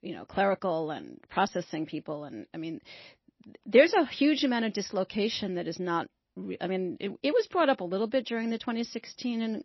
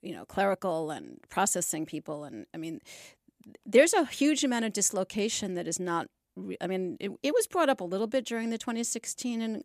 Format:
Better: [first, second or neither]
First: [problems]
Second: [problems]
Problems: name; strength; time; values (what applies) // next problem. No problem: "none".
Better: second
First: garbled, watery; slightly; nothing above 5.5 kHz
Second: none